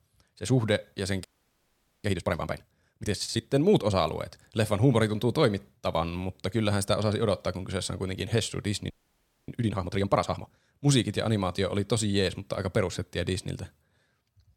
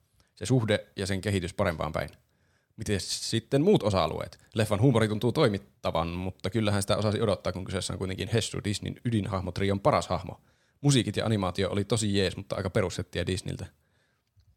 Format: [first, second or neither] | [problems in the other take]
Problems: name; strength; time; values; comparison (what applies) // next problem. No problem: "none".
second | audio freezing; at 1.5 s for 1 s and at 9 s for 0.5 s